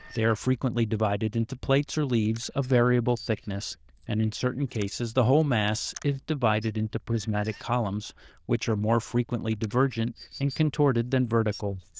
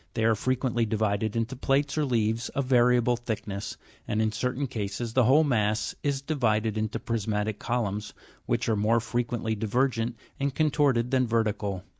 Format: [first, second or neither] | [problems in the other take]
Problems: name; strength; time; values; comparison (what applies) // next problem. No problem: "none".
second | noise reduction (neural diffusion model UNIVERSE++)